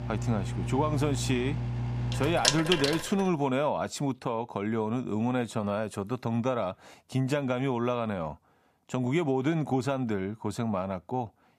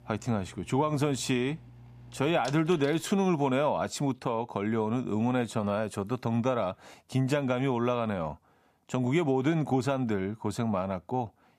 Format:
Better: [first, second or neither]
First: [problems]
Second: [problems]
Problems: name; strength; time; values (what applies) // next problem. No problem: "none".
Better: second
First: household noises; loud; until 3 s; 1 dB below the speech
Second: household noises; faint; until 3 s; 20 dB below the speech